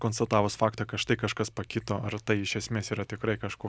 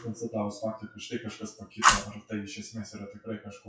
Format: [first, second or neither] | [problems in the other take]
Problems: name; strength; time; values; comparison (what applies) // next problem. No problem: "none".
first | noise reduction (classical method WPE with log-MMSE)